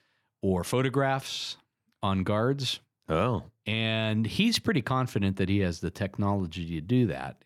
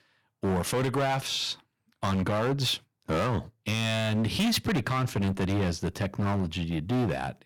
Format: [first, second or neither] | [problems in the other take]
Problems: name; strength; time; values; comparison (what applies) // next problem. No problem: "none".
first | distortion; heavy; 17% of the sound clipped